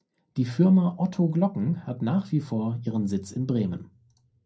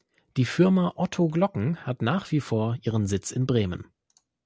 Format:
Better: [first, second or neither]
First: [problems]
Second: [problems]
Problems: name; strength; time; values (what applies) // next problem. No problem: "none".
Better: second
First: room echo; dies away in 0.2 s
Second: none